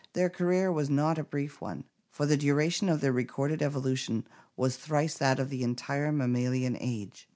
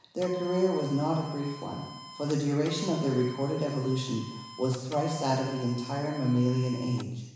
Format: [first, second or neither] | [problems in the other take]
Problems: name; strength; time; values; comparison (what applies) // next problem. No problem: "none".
first | background sound (Printer); 16 dB below the speech // room echo; dies away in 1 s